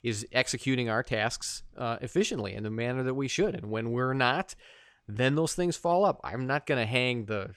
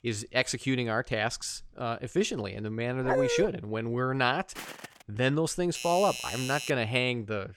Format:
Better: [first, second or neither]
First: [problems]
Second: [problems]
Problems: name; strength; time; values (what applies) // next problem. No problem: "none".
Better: first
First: none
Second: dog barking; loud; at 3 s; peak 2 dB above the speech // footsteps; faint; at 4.5 s; peak 10 dB below the speech // doorbell; noticeable; from 5.5 to 6.5 s; peak 5 dB below the speech